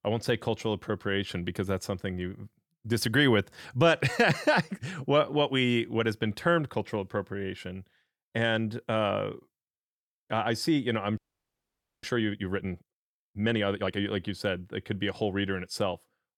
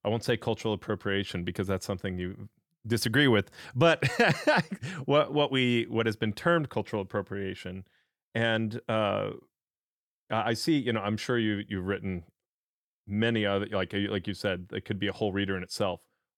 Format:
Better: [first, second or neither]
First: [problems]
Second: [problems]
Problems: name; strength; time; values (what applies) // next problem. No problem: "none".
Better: second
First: audio freezing; at 11 s for 1 s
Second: none